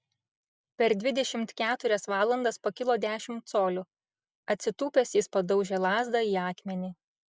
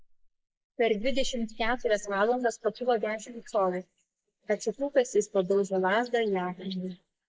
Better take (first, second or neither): first